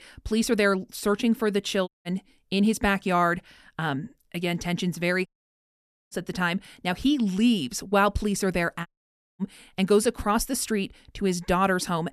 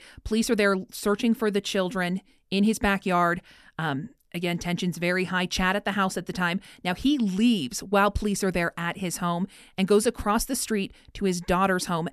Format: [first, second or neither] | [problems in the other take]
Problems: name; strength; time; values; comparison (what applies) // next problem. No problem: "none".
second | audio cutting out; at 2 s, at 5.5 s for 1 s and at 9 s for 0.5 s